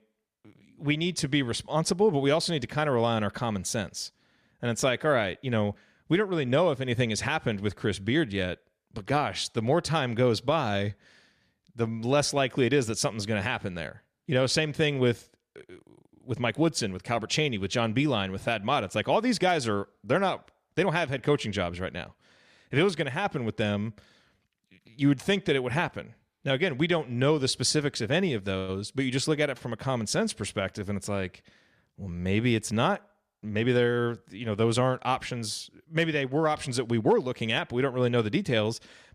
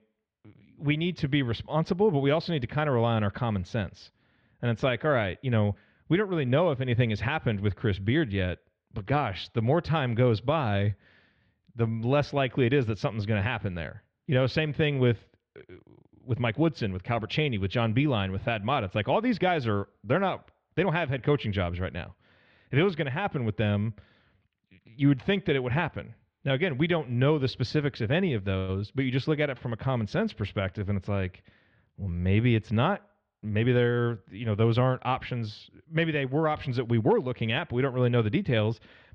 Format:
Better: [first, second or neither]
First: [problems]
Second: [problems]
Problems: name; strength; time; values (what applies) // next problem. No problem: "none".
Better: first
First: none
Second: muffled; slightly; fading above 3.5 kHz